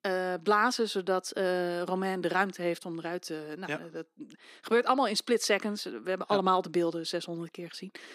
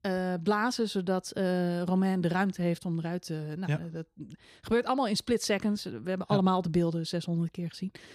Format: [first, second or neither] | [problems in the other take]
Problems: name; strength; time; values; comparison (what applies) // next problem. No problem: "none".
second | thin; somewhat; fading below 250 Hz